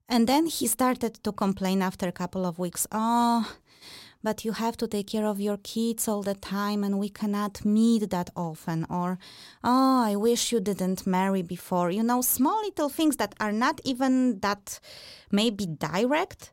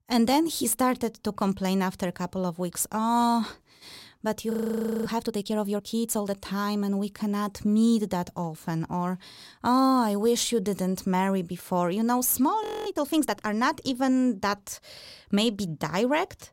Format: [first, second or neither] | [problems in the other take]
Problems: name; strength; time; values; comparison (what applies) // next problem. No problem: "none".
first | audio freezing; at 4.5 s for 0.5 s and at 13 s